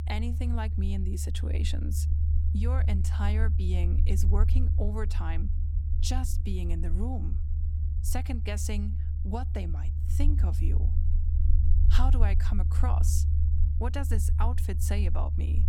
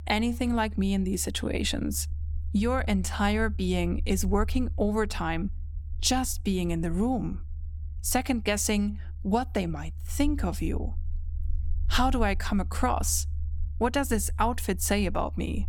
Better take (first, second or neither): second